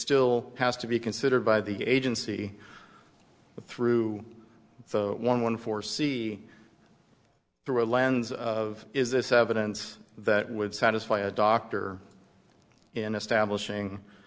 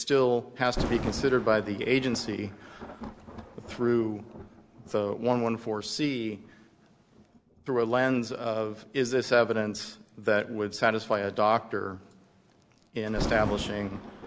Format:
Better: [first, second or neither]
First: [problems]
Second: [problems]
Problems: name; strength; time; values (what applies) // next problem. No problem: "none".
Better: first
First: none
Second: background sound (Thunder); 12 dB below the speech